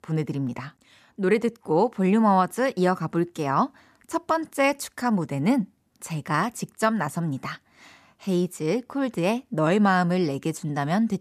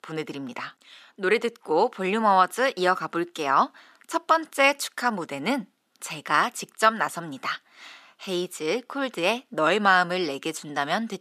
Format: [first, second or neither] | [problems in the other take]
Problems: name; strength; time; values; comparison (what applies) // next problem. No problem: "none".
first | thin; somewhat; fading below 350 Hz